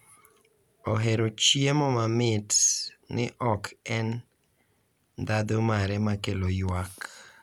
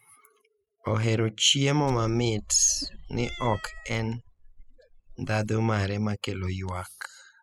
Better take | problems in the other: first | noise reduction (classical method spectral subtraction)

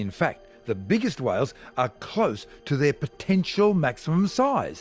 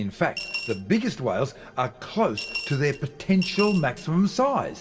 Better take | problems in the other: first | background sound (Coin (dropping) / Glass); 11 dB below the speech // room echo; dies away in 1.1 s

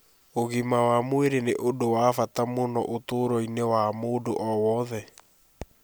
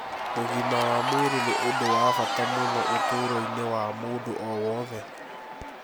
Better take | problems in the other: first | background sound (Crowd / Cheering); 2 dB above the speech

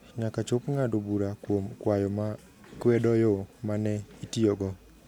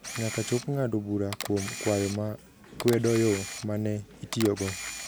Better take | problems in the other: first | background sound (Camera); 11 dB below the speech

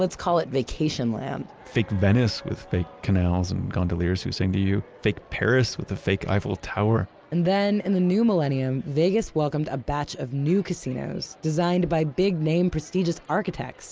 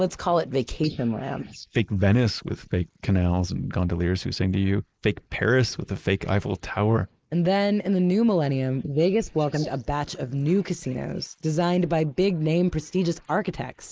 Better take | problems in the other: first | noise reduction (neural mask model Resemble Enhance denoiser)

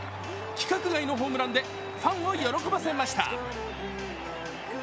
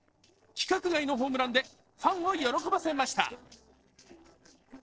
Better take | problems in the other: first | noise reduction (neural separator model SepFormer DNS4)

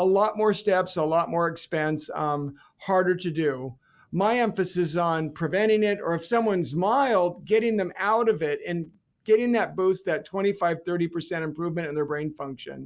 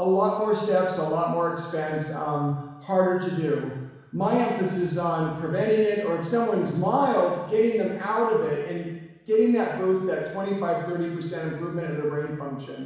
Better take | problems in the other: first | room echo; dies away in 1.1 s

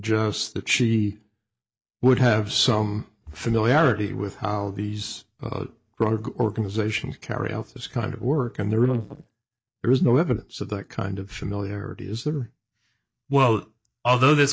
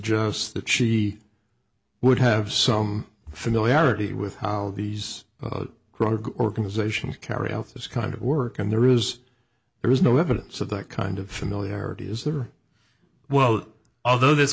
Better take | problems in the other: second | noise reduction (neural mask model DeepFilterNet 3)

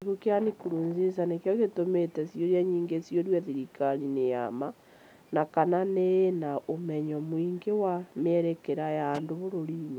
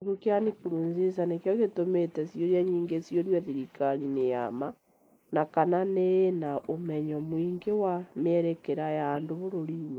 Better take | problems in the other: first | noise reduction (neural mask model Resemble Enhance denoiser)

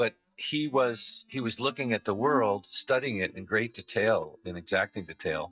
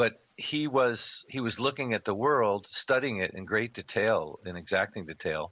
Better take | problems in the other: second | noise reduction (neural mask model DeepFilterNet 3)

